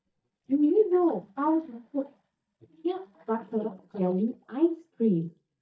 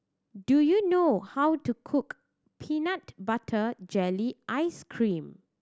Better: second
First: noise reduction (neural mask model DeepFilterNet 3)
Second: none

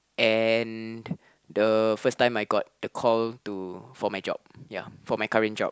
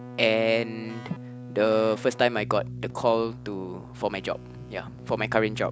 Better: first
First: none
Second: background sound (Keyboard (musical)); 12 dB below the speech

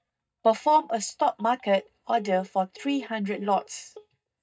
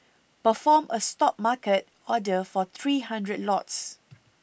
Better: second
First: noise reduction (neural mask model DeepFilterNet 3)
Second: none

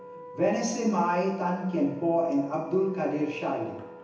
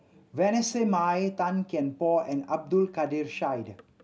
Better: second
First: background sound (Wind instrument, woodwind instrument); 17 dB below the speech // room echo; dies away in 0.9 s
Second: none

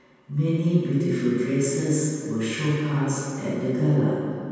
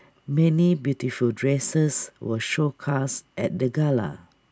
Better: second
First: room echo; dies away in 2.1 s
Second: none

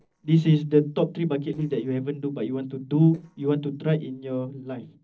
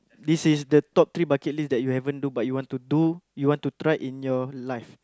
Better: second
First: noise reduction (neural separator model SepFormer DNS4)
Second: none

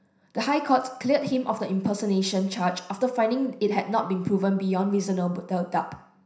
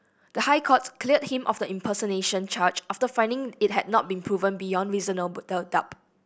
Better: second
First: room echo; dies away in 0.5 s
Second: none

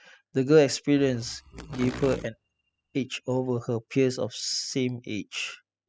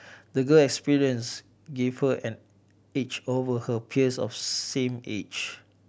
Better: second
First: noise reduction (classical method spectral subtraction)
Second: none

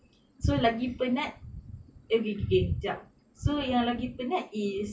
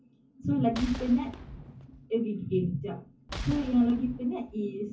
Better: first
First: none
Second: background sound (Boom); 11 dB below the speech // room echo; dies away in 0.3 s

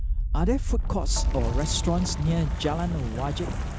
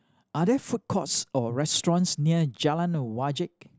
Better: second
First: background sound (Wind); 2 dB above the speech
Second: none

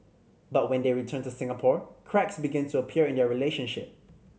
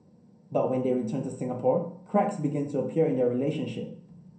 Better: first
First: none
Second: room echo; dies away in 0.6 s

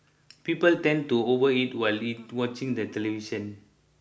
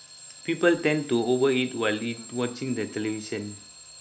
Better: first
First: none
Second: background sound (Alarm / Clock); 17 dB below the speech

